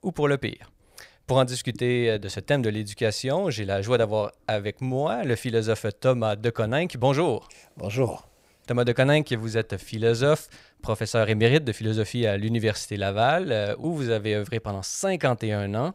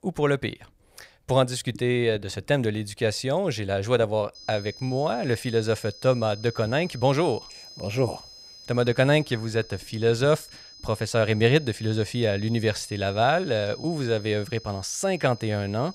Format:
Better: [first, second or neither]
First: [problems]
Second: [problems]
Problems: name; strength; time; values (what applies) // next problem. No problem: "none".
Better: first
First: none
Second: high-pitched whine; noticeable; from 4.5 s on; 5 kHz, 20 dB below the speech